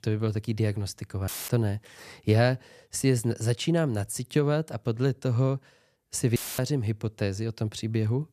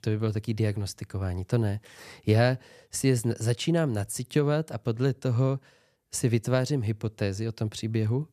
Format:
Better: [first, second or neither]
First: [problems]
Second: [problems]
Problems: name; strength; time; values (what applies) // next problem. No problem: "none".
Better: second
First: audio cutting out; filled with static; at 1.5 s and at 6.5 s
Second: none